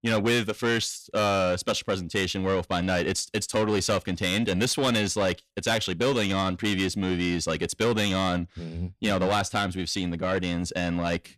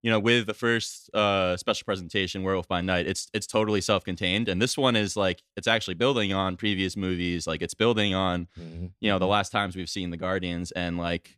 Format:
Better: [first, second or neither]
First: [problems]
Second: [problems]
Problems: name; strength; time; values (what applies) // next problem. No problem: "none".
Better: second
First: distortion; heavy; 8 dB below the speech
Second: none